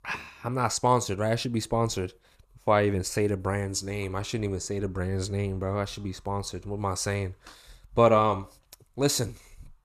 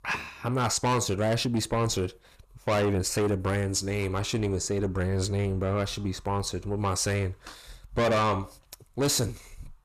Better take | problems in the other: first | distortion; heavy; 6 dB below the speech

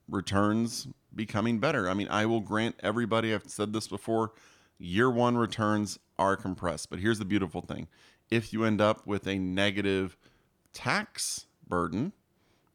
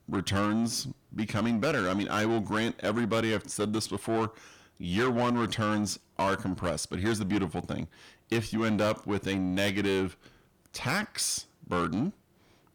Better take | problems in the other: first | distortion; heavy; 8 dB below the speech

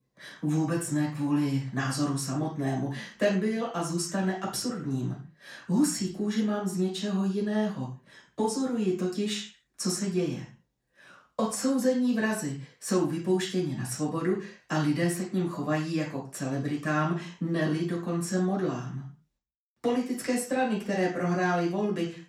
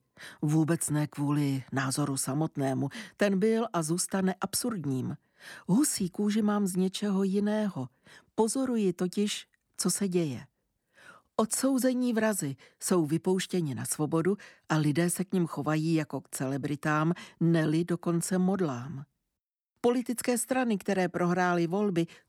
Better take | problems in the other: second | room echo; noticeable; dies away in 0.3 s // off-mic speech; far

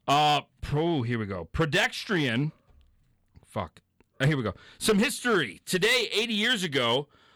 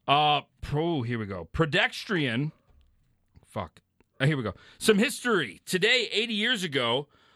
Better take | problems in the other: second | distortion; slight; 4% of the sound clipped

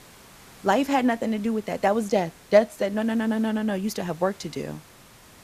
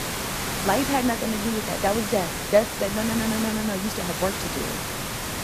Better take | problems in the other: first | hiss; loud; throughout; 2 dB below the speech; faint in the first

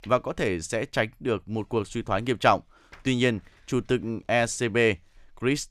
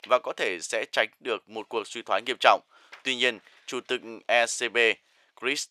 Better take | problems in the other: first | thin; very; fading below 600 Hz

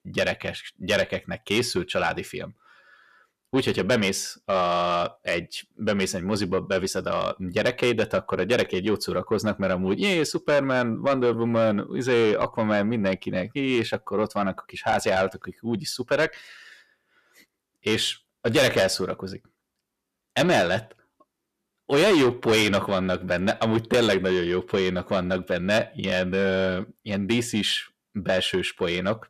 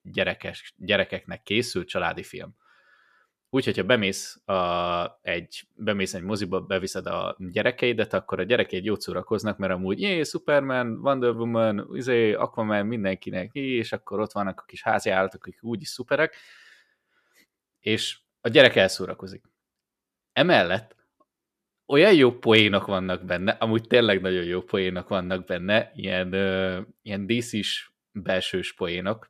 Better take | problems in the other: second | distortion; heavy; 7 dB below the speech

